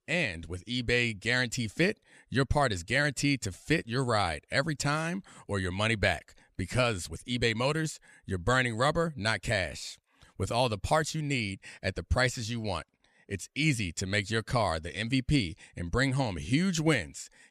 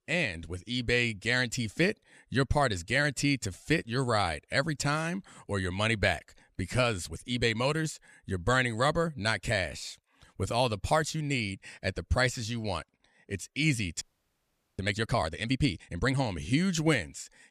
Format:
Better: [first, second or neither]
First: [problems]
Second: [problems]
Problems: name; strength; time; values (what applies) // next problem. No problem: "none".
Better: first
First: none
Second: audio freezing; at 14 s for 1 s